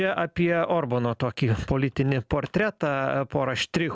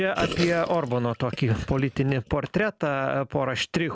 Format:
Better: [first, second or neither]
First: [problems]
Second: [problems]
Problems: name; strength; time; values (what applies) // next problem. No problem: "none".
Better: first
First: none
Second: background sound (Gurgling); 11 dB below the speech